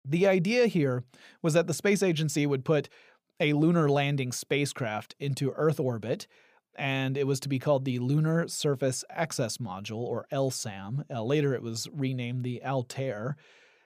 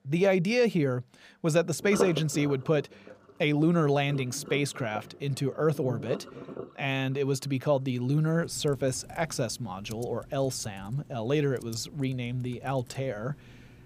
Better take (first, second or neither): first